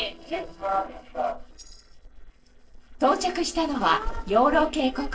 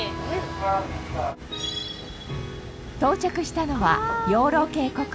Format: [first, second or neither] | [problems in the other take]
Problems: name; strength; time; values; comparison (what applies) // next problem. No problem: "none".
second | noise reduction (neural separator model SepFormer DNS4)